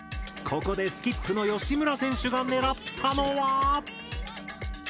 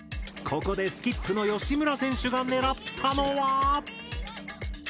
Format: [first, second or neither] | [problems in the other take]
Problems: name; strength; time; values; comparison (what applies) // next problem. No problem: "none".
second | background sound (Wind instrument, woodwind instrument); 19 dB below the speech